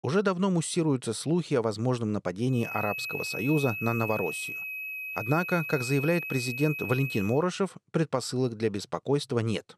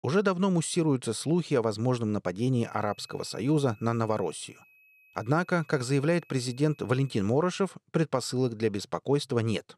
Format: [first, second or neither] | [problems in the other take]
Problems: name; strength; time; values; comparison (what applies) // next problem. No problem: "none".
second | high-pitched whine; loud; from 2.5 to 7.5 s; 2.5 kHz, 5 dB below the speech; faint in the second